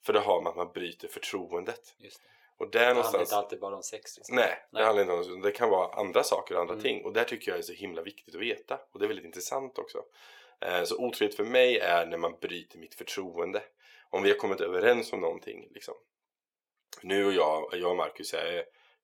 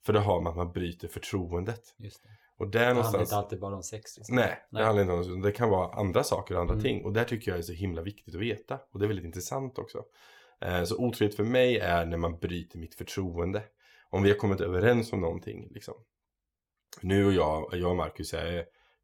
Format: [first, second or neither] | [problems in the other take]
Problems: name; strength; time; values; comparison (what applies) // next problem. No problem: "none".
second | thin; somewhat; fading below 450 Hz